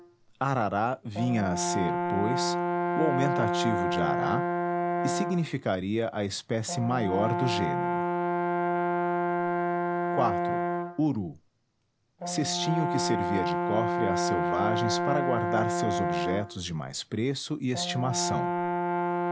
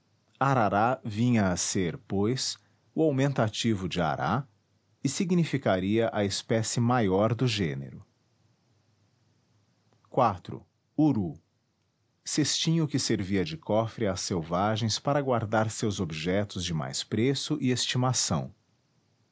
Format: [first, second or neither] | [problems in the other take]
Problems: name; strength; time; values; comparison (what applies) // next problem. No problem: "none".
second | background sound (Brass instrument); 2 dB above the speech